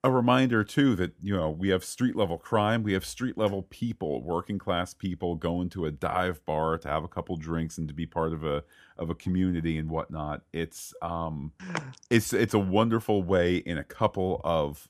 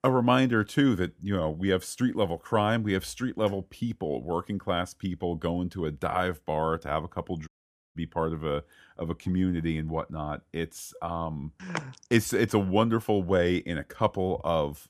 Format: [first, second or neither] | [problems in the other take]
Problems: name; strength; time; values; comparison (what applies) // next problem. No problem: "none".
first | audio cutting out; at 7.5 s